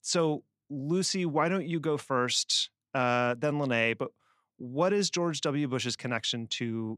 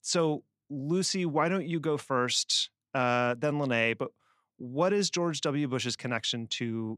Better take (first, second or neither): neither